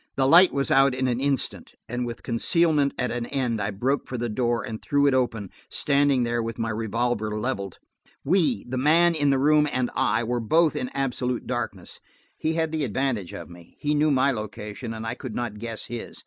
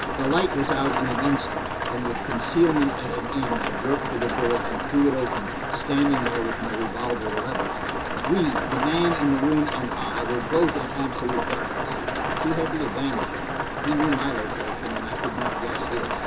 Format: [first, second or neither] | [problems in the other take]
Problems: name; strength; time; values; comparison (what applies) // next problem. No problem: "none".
first | background sound (Rain); 1 dB below the speech // room echo; dies away in 0.2 s